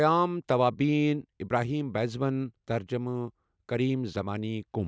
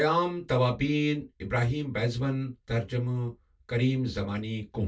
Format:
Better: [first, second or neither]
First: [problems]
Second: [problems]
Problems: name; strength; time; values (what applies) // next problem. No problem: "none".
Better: first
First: none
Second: room echo; dies away in 0.2 s